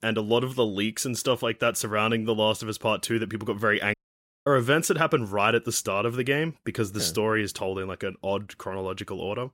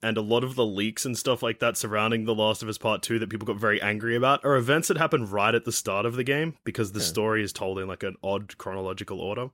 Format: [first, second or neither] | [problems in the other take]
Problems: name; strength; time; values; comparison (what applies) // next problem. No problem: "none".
second | audio cutting out; at 4 s for 0.5 s